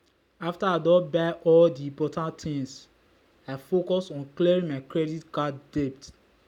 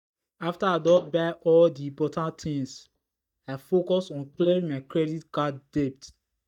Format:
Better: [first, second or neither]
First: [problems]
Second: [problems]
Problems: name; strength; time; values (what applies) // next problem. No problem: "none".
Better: first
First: none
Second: noise reduction (neural mask model DeepFilterNet 3)